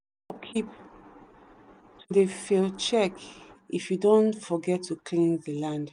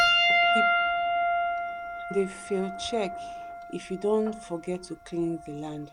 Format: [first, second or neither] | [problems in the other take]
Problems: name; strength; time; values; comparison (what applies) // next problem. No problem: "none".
first | background sound (Piano); 4 dB above the speech